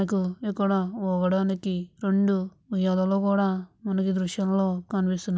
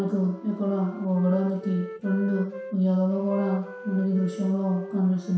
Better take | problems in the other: first | background sound (Wind instrument, woodwind instrument); 14 dB below the speech // room echo; dies away in 0.7 s

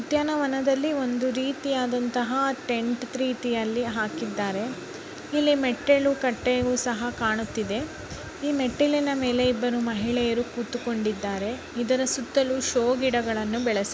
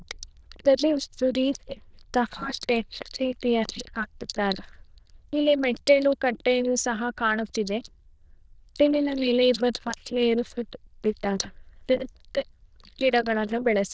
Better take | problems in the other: first | noise reduction (neural diffusion model UNIVERSE++)

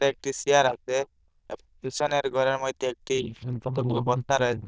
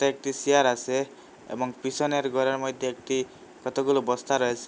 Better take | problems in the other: second | noise reduction (neural diffusion model UNIVERSE++)

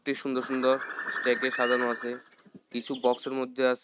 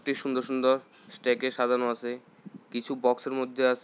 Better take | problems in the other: second | noise reduction (neural mask model RNNoise)

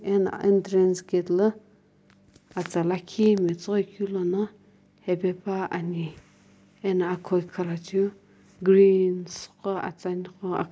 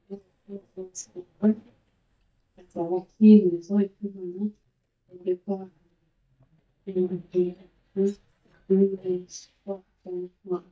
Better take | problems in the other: first | noise reduction (neural mask model DeepFilterNet 3)

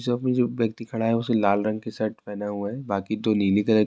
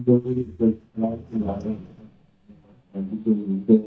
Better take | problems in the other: first | noise reduction (neural mask model DeepFilterNet 3)

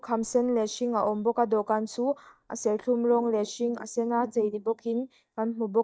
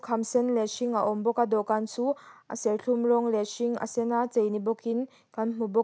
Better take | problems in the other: second | noise reduction (neural mask model DeepFilterNet 3)

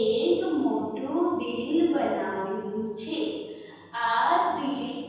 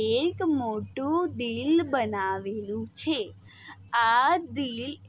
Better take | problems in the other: second | room echo; dies away in 1.2 s

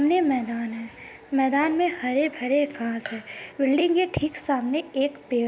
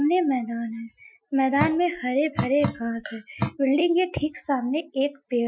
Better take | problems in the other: first | noise reduction (classical method Wiener filter)

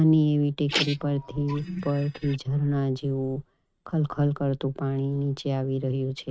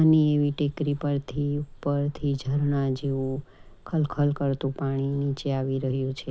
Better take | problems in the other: second | noise reduction (neural mask model RNNoise)

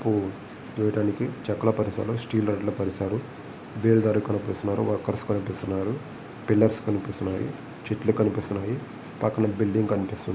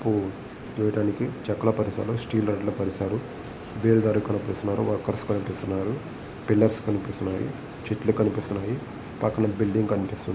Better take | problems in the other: first | background sound (Vehicle); 16 dB below the speech

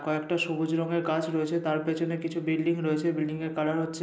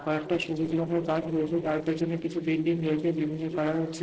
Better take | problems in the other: first | noise reduction (neural separator model SepFormer DNS4)

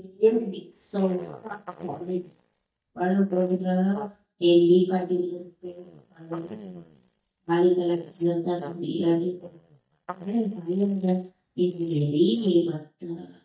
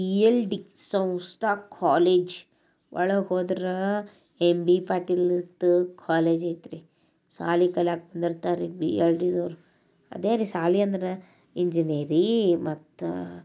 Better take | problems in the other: second | noise reduction (neural mask model DeepFilterNet 3)

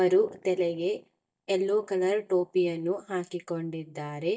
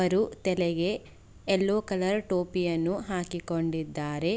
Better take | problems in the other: second | noise reduction (neural mask model DeepFilterNet 3)

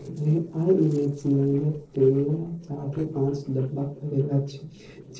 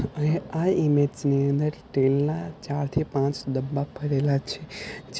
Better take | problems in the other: second | noise reduction (neural separator model SepFormer DNS4)

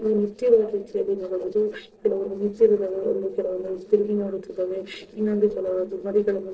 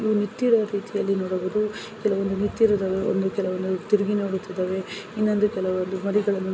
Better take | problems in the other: second | noise reduction (neural separator model SepFormer DNS4)

